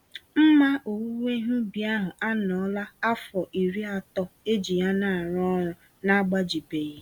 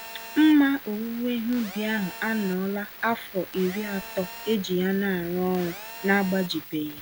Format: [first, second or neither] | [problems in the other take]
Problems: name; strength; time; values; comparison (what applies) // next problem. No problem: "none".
first | background sound (Telephone); 15 dB below the speech